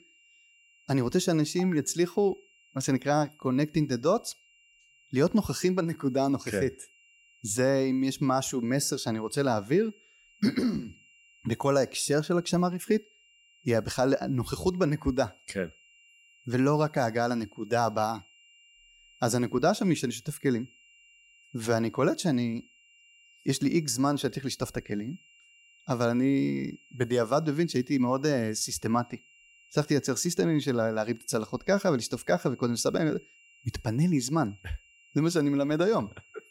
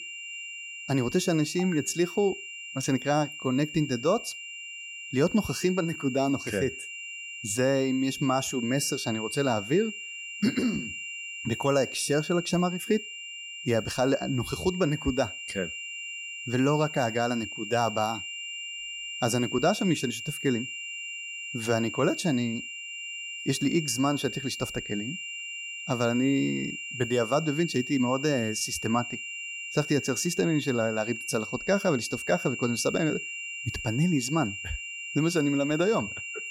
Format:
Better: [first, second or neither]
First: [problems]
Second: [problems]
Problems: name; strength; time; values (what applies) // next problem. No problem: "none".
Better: first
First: high-pitched whine; faint; throughout; 3 kHz, 30 dB below the speech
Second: high-pitched whine; loud; throughout; 3 kHz, 8 dB below the speech